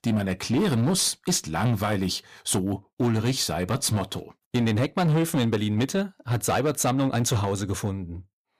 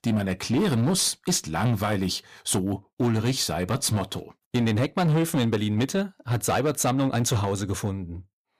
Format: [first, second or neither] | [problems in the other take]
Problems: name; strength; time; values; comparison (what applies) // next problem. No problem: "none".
neither | distortion; slight; 11% of the sound clipped; the same in both